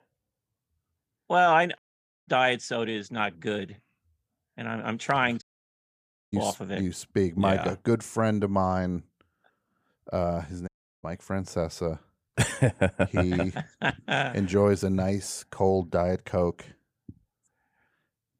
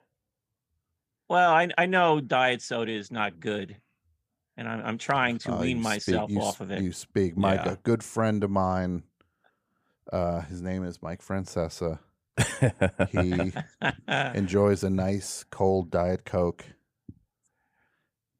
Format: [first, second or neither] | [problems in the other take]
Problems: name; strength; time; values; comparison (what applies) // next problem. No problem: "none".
second | audio cutting out; at 2 s, at 5.5 s for 1 s and at 11 s